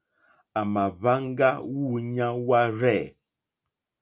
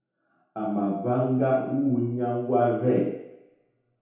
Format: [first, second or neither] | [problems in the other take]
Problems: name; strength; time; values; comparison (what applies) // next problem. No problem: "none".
first | room echo; dies away in 0.8 s